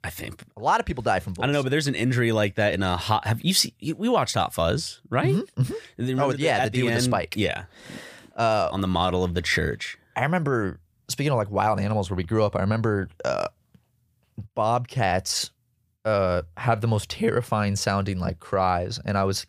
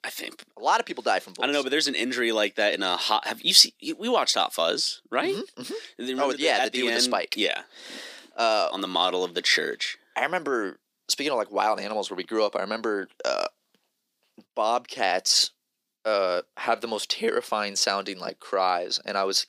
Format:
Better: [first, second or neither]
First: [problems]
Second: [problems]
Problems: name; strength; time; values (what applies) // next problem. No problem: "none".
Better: first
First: none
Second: thin; somewhat; fading below 250 Hz